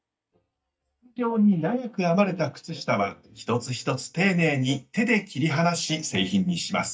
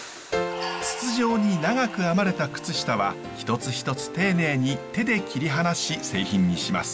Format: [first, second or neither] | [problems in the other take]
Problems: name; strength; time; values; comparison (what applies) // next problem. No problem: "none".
second | noise reduction (neural mask model DeepFilterNet 3)